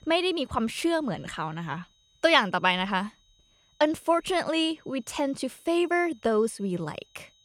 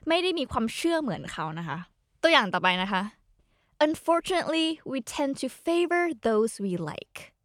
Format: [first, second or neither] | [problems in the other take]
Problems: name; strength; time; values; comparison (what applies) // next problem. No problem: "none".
second | high-pitched whine; faint; throughout; 4 kHz, 35 dB below the speech